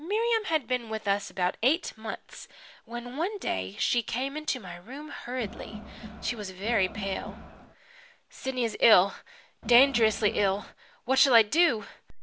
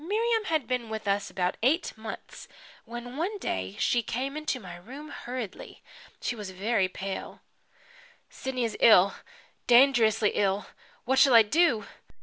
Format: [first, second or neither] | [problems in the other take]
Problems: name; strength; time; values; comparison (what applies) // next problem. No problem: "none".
second | background sound (Crowd); 12 dB below the speech